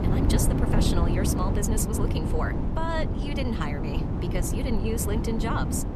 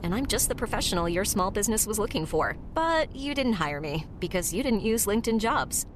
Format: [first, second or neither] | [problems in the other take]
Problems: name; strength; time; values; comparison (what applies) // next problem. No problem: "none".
second | wind noise on the microphone; heavy; 2 dB below the speech; occasional gusts in the second